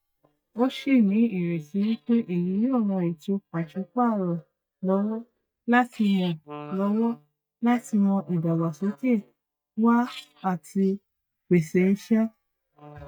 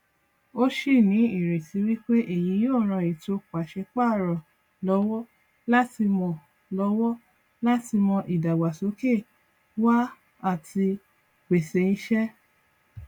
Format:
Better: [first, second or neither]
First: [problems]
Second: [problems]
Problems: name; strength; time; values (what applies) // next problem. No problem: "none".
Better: second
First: noise reduction (neural mask model DeepFilterNet 3)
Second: none